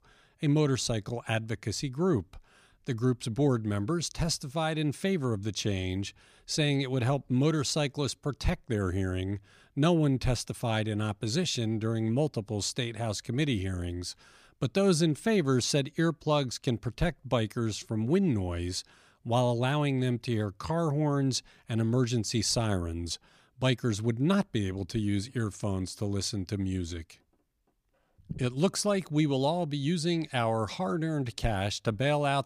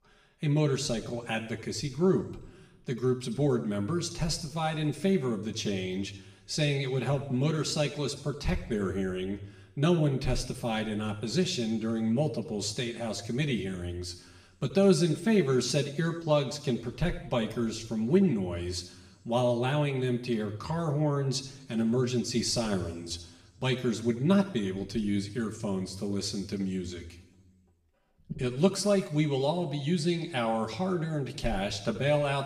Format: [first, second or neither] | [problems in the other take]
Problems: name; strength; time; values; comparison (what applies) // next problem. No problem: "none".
first | room echo; slight; dies away in 0.9 s // off-mic speech; somewhat distant